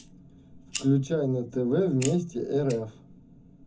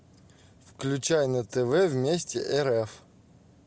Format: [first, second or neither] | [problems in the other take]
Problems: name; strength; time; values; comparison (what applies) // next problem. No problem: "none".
second | background sound (Fire); 16 dB below the speech // room echo; dies away in 0.3 s